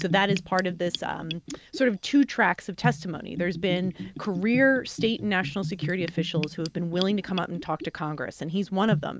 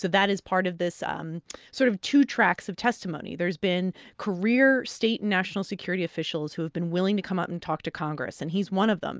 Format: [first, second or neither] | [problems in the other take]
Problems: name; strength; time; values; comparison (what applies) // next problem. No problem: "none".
second | background sound (Bathtub (filling or washing) / Gurgling); 9 dB below the speech